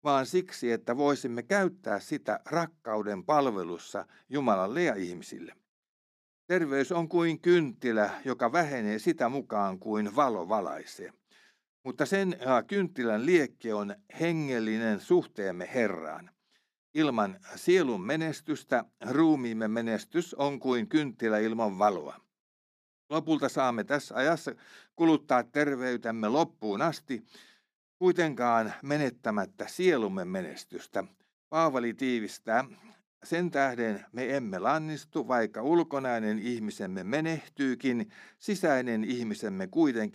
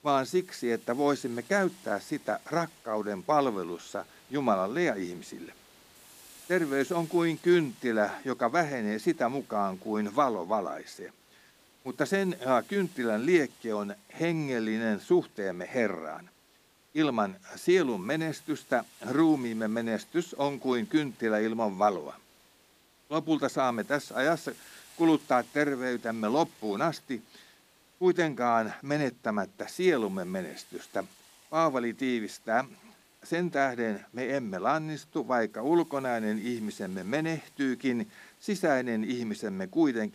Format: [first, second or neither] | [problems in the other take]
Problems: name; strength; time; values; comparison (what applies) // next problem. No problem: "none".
first | hiss; faint; throughout; 25 dB below the speech